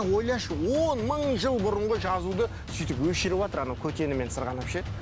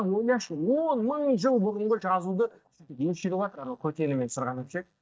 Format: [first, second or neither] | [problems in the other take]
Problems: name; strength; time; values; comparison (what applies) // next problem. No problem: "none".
first | noise reduction (neural mask model DeepFilterNet 3)